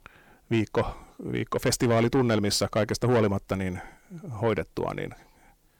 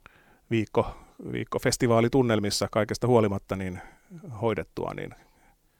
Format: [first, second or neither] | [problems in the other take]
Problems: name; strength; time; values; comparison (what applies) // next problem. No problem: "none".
second | distortion; slight; 10 dB below the speech